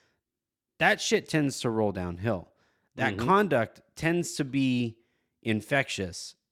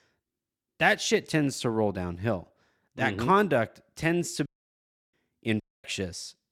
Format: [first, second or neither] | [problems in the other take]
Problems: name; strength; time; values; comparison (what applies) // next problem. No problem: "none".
first | audio cutting out; at 4.5 s for 0.5 s and at 5.5 s